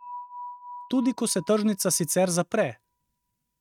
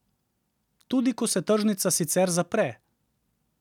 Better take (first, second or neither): second